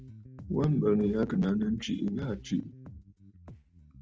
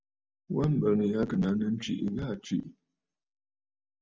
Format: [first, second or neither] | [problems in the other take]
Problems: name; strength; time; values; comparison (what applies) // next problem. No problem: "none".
second | noise reduction (neural mask model RNNoise)